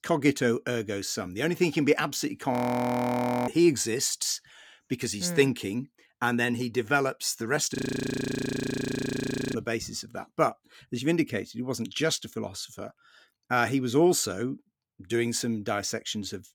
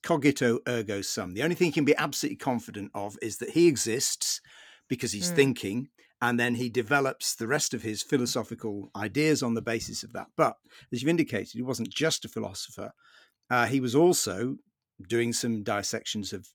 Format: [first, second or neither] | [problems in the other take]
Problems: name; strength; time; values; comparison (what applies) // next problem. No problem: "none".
second | audio freezing; at 2.5 s for 1 s and at 8 s for 2 s